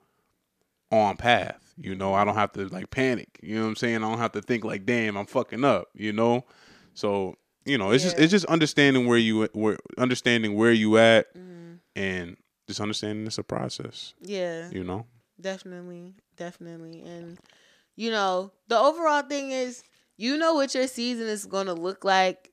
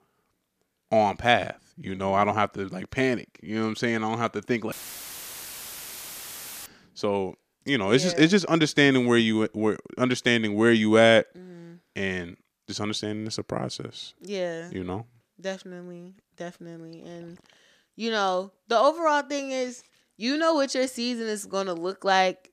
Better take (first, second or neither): first